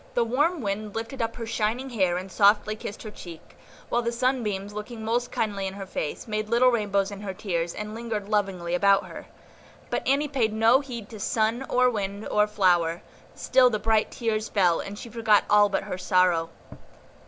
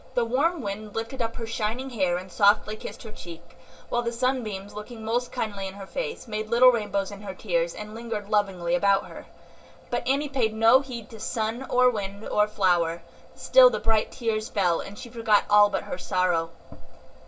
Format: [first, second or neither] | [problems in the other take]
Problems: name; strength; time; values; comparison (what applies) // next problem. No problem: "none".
first | room echo; dies away in 0.2 s